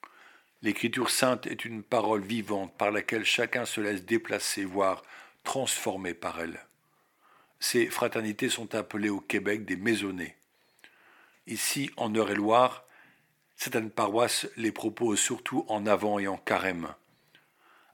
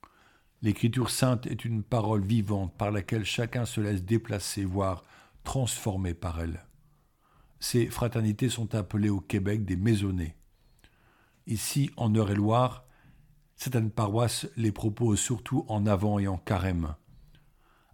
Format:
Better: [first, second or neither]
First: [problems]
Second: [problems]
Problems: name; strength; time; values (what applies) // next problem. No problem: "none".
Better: second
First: thin; somewhat; fading below 400 Hz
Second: none